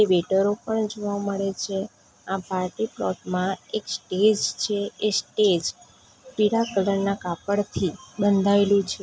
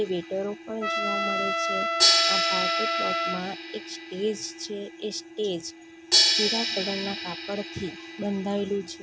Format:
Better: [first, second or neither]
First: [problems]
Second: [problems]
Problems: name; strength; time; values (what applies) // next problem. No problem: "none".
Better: first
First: none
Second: background sound (Trumpet + Crash cymbal); 5 dB above the speech